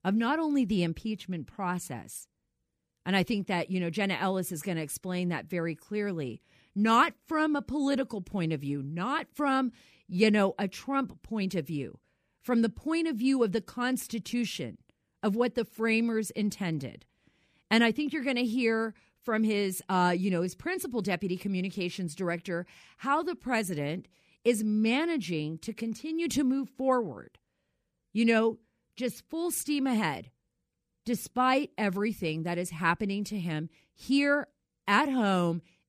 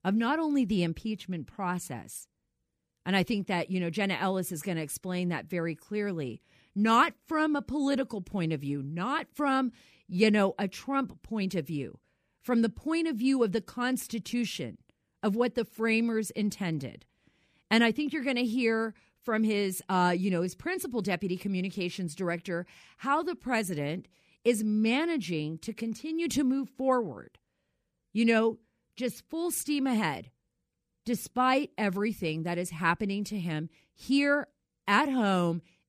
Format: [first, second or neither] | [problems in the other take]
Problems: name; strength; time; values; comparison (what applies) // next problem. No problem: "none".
neither | none